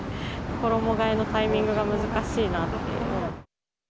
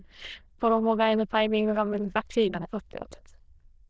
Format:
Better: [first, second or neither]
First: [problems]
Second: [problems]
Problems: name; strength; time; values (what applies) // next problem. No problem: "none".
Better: first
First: none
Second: noise reduction (neural diffusion model UNIVERSE++)